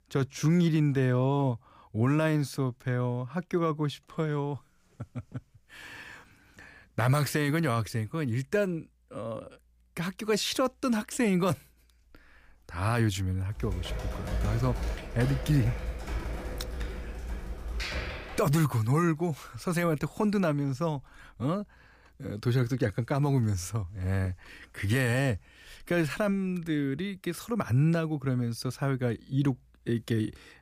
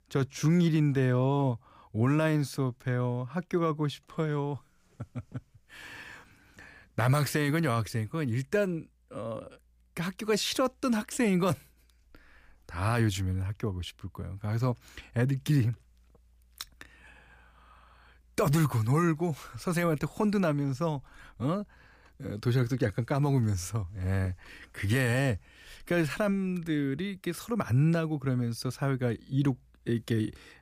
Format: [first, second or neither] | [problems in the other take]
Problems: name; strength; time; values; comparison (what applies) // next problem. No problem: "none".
second | keyboard typing; noticeable; from 14 to 18 s; peak 4 dB below the speech